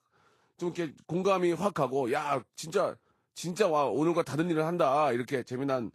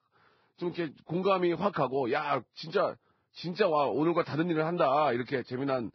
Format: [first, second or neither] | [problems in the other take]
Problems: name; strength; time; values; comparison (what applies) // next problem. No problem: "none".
first | garbled, watery; badly; nothing above 5 kHz; slightly in the first